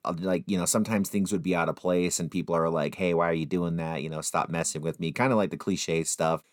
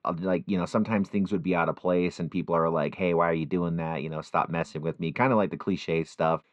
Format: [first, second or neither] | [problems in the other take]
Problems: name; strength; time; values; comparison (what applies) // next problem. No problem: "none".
first | muffled; very; fading above 3 kHz